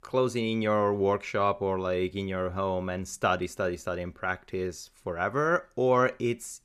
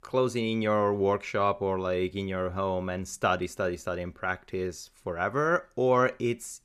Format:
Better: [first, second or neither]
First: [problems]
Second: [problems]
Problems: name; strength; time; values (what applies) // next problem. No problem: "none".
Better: neither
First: none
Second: none